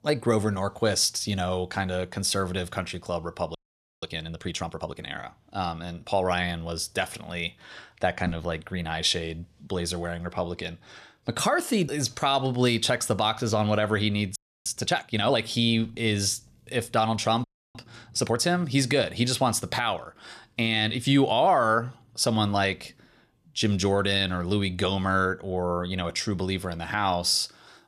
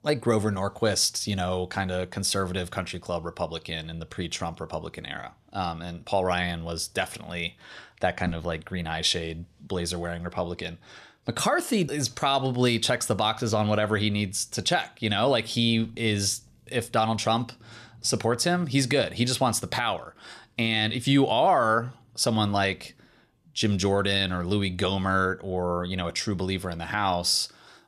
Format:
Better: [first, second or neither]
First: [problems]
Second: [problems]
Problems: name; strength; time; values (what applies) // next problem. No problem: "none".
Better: second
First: audio freezing; at 3.5 s, at 14 s and at 17 s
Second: none